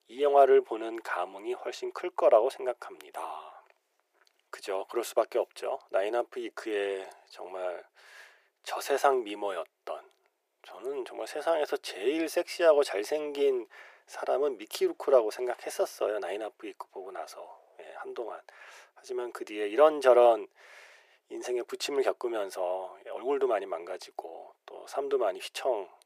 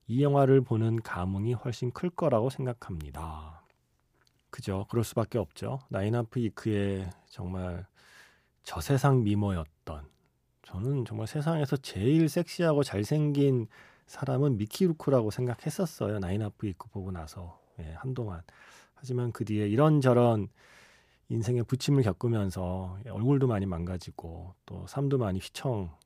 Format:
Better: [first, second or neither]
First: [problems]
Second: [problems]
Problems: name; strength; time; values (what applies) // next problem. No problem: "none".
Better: second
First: thin; very; fading below 400 Hz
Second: none